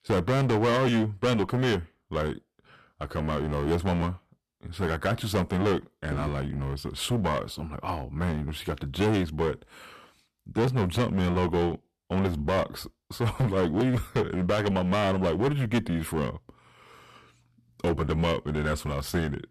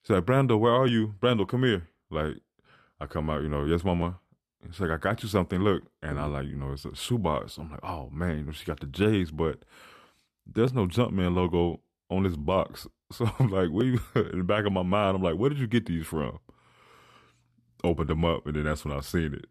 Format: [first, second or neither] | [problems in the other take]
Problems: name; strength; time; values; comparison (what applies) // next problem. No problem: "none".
second | distortion; heavy; 11% of the sound clipped